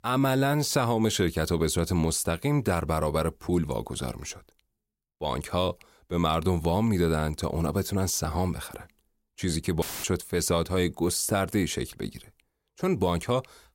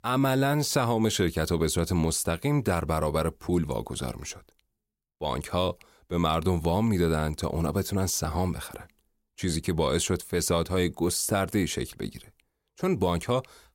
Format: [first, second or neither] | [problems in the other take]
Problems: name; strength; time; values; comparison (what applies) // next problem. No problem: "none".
second | audio cutting out; filled with static; at 10 s